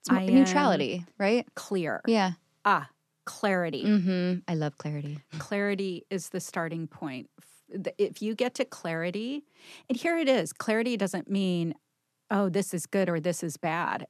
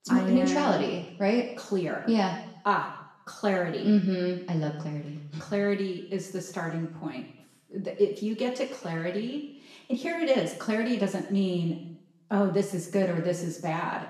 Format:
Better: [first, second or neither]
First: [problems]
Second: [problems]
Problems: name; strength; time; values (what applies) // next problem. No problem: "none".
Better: first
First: none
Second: room echo; noticeable; dies away in 0.8 s // off-mic speech; far